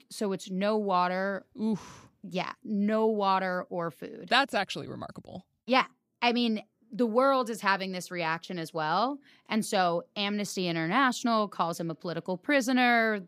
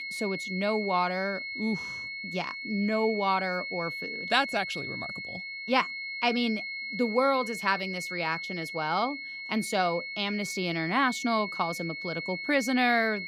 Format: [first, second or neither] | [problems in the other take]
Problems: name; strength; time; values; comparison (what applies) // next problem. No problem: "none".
first | high-pitched whine; loud; throughout; 2 kHz, 5 dB below the speech